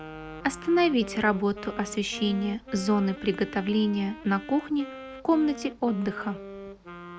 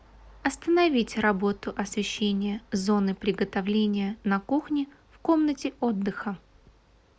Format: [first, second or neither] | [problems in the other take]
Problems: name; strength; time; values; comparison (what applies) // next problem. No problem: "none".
second | background sound (Wind instrument, woodwind instrument); 14 dB below the speech